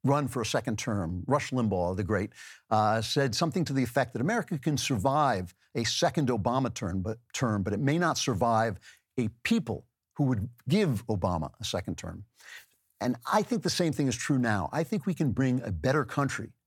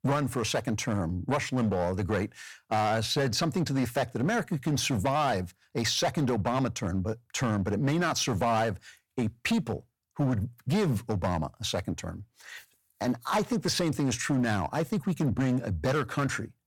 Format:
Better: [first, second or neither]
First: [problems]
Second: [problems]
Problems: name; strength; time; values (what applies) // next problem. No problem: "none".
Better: first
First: none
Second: distortion; slight; 9% of the sound clipped